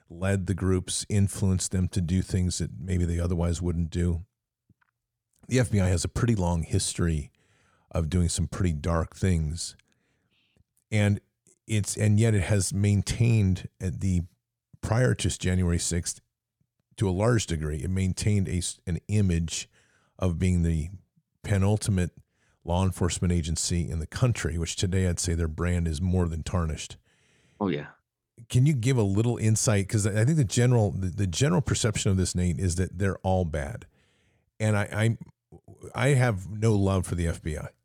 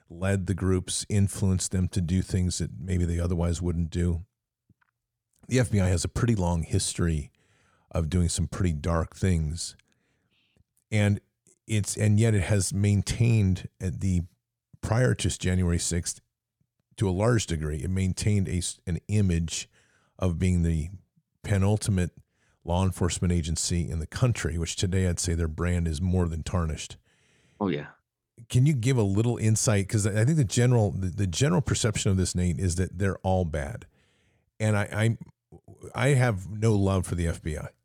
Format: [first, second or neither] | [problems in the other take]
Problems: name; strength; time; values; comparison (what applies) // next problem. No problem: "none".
neither | none